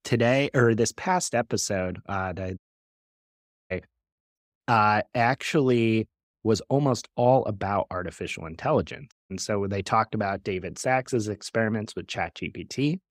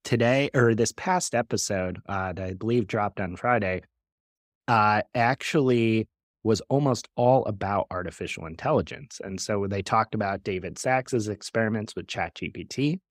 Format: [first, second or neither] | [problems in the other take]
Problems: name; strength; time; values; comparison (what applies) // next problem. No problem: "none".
second | audio cutting out; at 2.5 s for 1 s and at 9 s